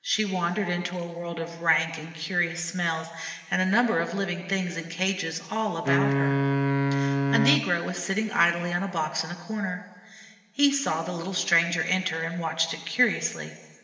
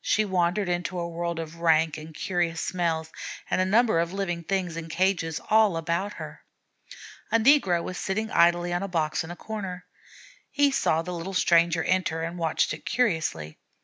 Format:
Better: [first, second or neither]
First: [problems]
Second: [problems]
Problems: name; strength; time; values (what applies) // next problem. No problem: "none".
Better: second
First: background sound (Wind instrument, woodwind instrument); 2 dB above the speech // room echo; dies away in 3 s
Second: none